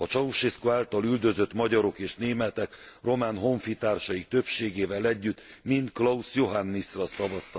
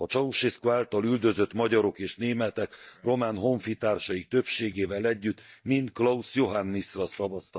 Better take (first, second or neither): first